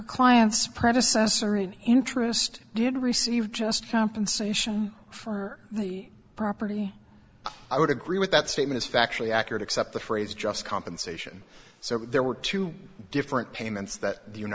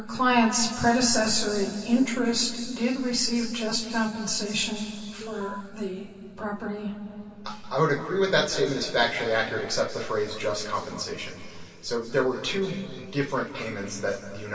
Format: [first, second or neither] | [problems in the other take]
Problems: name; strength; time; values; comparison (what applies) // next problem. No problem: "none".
first | background sound (Alarm); 11 dB below the speech // room echo; dies away in 2.6 s